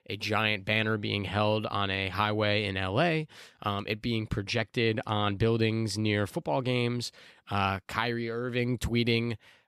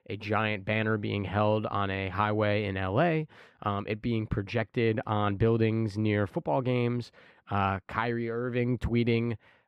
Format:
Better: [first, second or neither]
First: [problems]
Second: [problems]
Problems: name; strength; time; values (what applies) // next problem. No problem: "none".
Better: first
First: none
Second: muffled; slightly; fading above 3 kHz